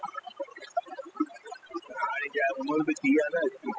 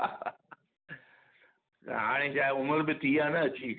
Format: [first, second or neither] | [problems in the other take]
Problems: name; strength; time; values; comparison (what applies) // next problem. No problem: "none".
second | noise reduction (classical method spectral subtraction)